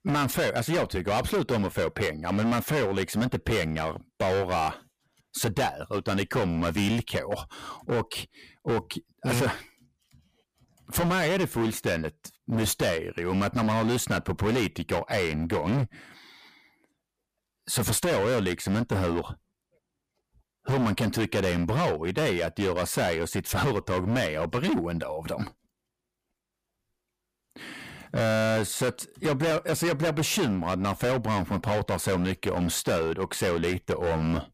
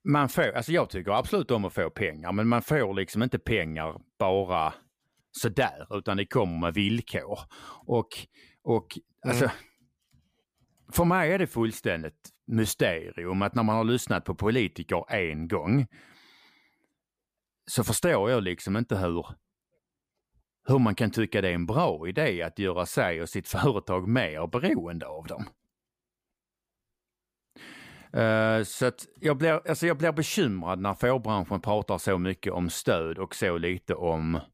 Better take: second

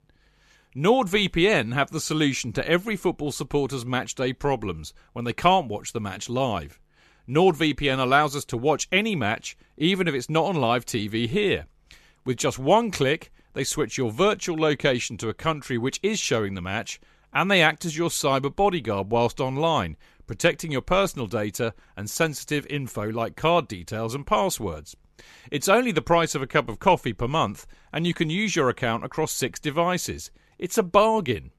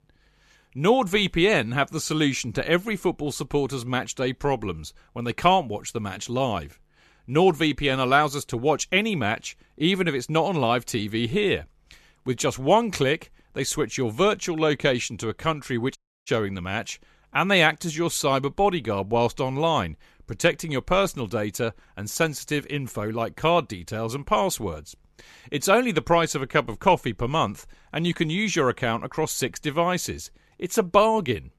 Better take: first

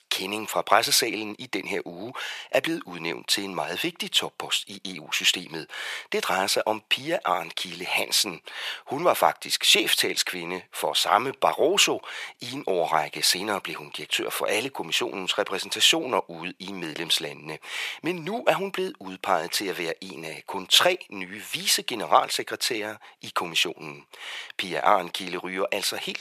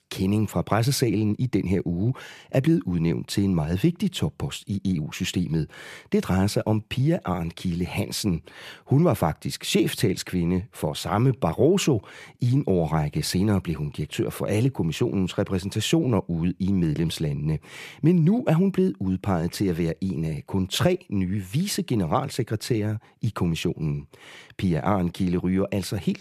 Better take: second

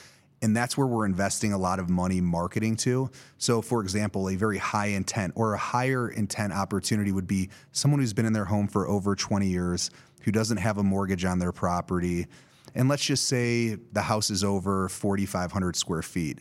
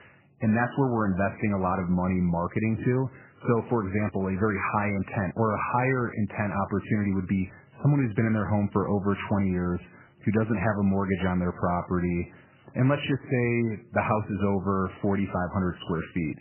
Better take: first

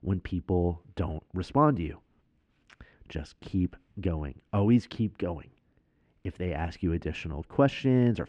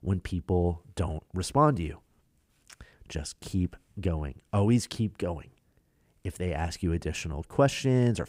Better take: second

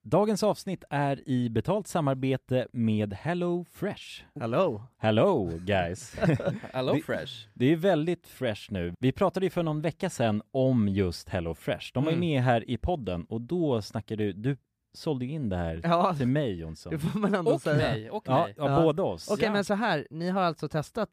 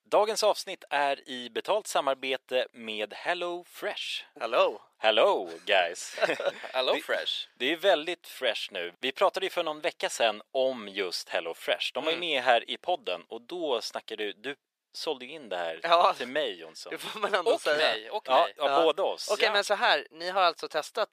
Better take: first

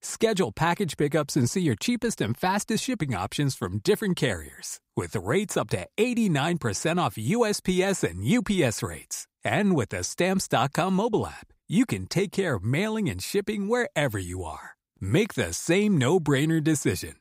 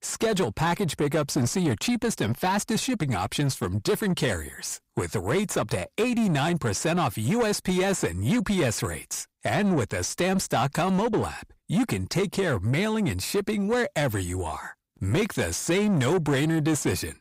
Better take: first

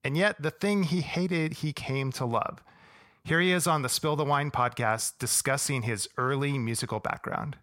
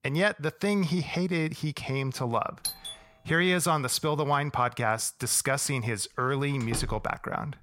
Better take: first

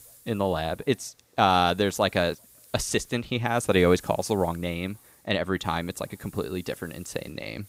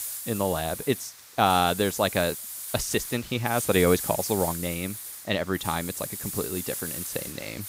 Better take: first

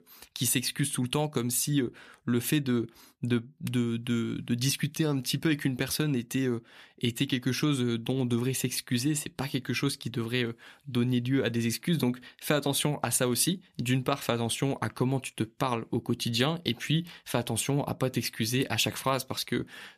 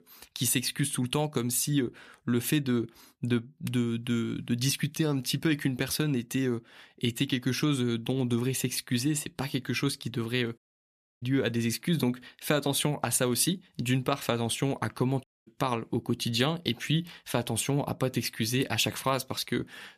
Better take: first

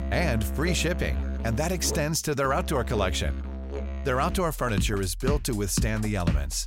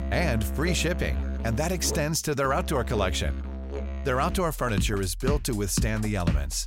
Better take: neither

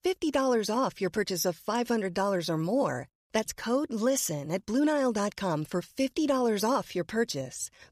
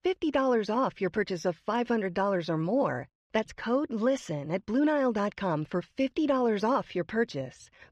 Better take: first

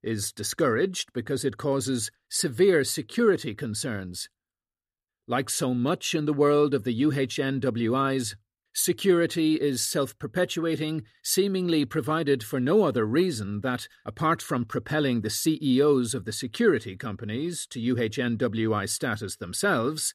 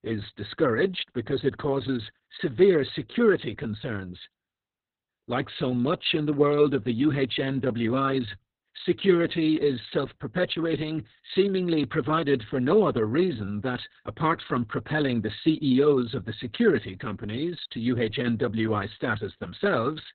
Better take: first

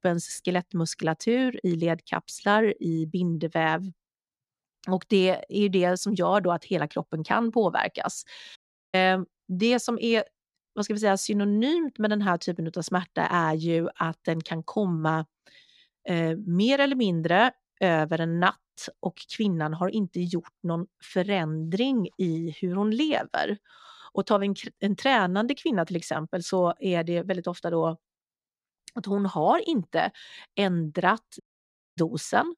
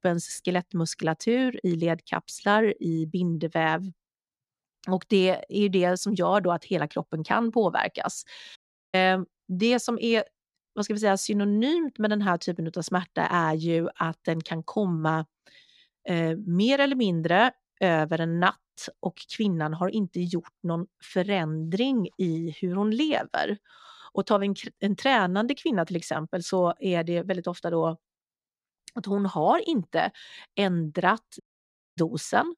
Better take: neither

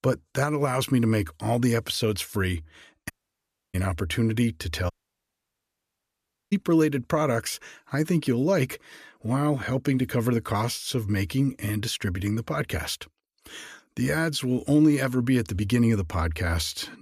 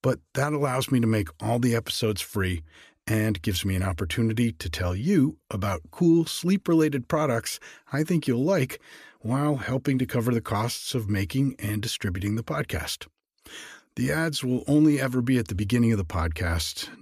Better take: second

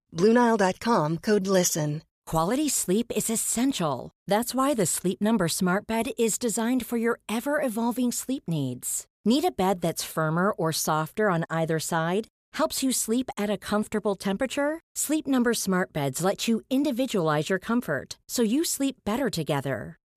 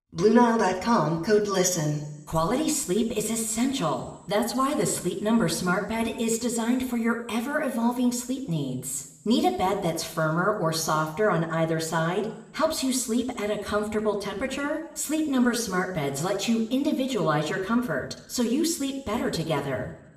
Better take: first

